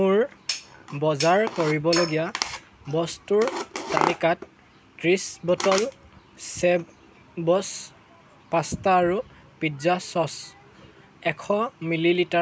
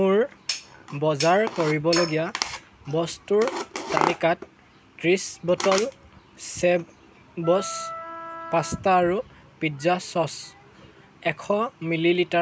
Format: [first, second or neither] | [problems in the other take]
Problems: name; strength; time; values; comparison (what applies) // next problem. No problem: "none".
first | background sound (Wind instrument, woodwind instrument); 12 dB below the speech